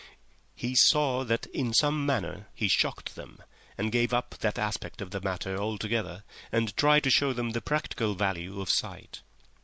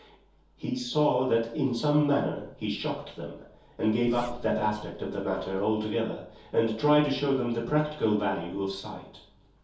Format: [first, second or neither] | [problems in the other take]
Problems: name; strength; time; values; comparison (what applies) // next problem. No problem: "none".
first | background sound (Zipper (clothing)); 11 dB below the speech // room echo; dies away in 0.6 s